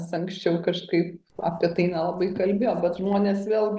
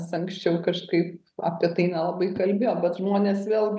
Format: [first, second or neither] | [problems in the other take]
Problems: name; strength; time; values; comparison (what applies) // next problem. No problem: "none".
second | noise reduction (neural separator model SepFormer DNS4)